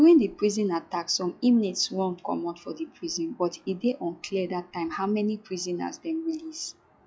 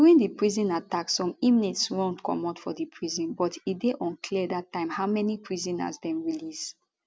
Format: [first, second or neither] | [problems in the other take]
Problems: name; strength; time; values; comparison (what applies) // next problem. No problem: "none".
second | noise reduction (classical method log-MMSE)